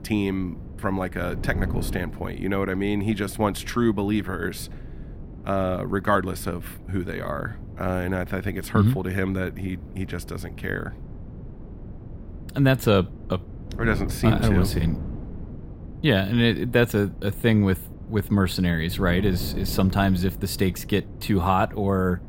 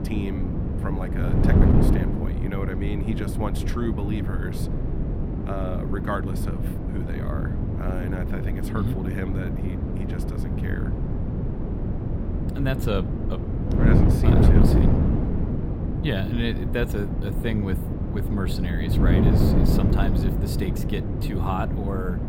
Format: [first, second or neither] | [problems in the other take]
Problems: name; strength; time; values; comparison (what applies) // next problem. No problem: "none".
first | wind noise on the microphone; heavy; 1 dB above the speech; occasional gusts in the first